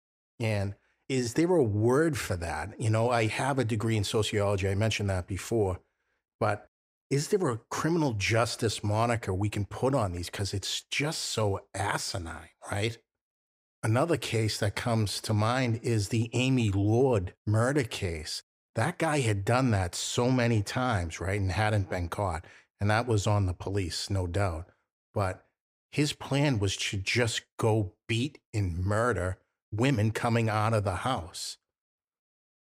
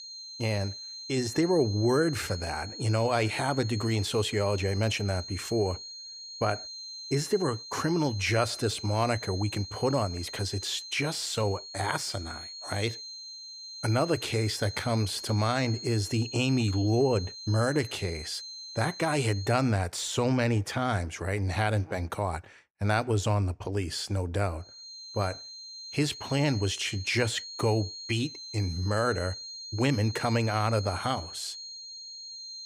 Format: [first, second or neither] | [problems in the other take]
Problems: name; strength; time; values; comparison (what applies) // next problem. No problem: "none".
first | high-pitched whine; noticeable; until 20 s and from 25 s on; 4 kHz, 10 dB below the speech